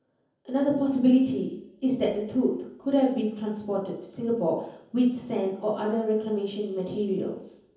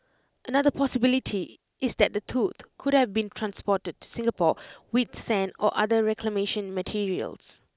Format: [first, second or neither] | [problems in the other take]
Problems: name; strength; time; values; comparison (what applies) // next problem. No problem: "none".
second | room echo; dies away in 0.7 s